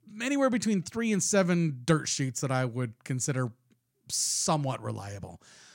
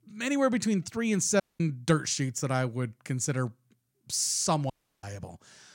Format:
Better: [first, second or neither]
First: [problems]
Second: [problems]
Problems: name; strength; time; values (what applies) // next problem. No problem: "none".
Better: first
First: none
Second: audio cutting out; at 1.5 s and at 4.5 s